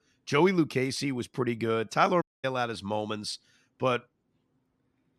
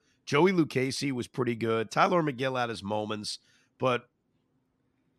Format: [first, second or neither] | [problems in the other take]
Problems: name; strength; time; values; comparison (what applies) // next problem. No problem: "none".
second | audio cutting out; at 2 s